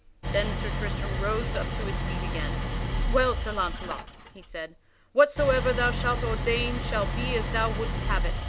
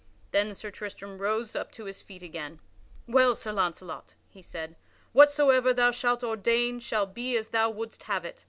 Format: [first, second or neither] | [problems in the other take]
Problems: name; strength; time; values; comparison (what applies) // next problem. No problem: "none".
second | background sound (Idling); as loud as the speech